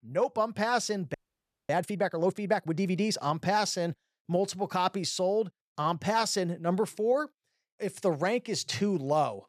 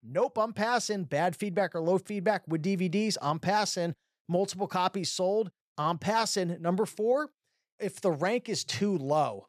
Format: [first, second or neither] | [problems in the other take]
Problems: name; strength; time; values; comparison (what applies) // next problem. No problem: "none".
second | audio freezing; at 1 s for 0.5 s